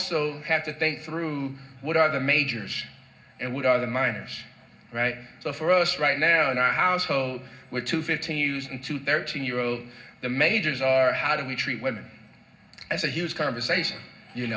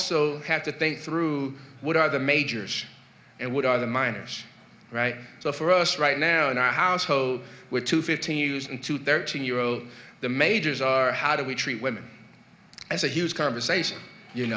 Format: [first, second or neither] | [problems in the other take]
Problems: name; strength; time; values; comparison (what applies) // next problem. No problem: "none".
second | room echo; dies away in 0.4 s